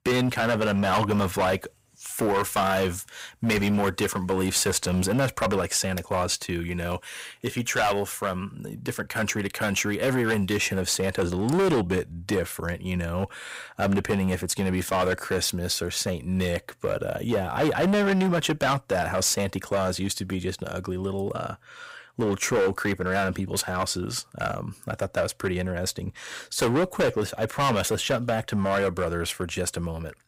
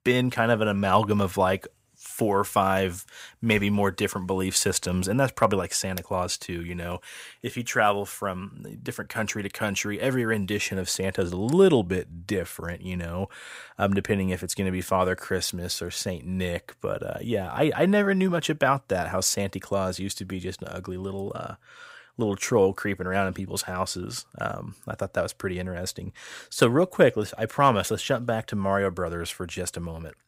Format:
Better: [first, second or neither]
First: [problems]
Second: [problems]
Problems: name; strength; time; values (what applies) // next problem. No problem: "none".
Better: second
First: distortion; heavy; 10% of the sound clipped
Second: none